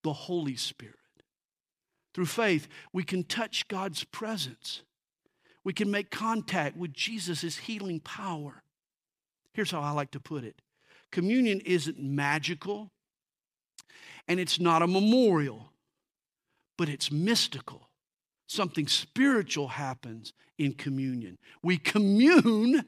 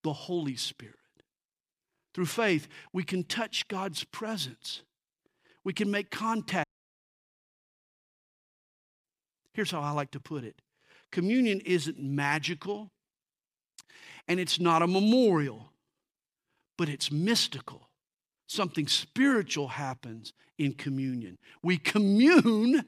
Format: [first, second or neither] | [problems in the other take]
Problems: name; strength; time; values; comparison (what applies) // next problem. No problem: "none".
first | audio cutting out; at 6.5 s for 2.5 s